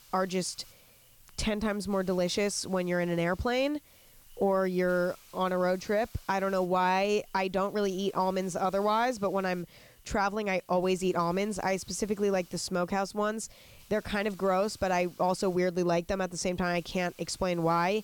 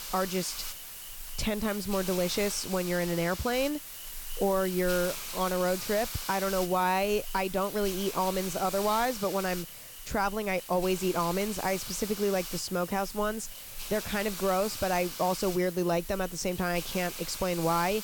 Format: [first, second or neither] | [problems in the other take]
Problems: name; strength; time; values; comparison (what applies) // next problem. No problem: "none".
first | hiss; loud; throughout; 8 dB below the speech; faint in the first